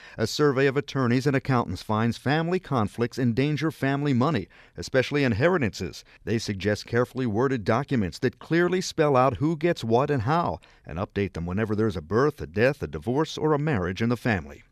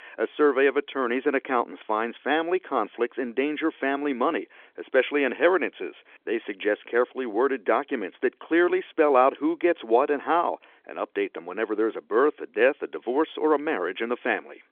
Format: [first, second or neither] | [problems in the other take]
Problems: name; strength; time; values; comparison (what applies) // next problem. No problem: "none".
first | phone-call audio; nothing above 3.5 kHz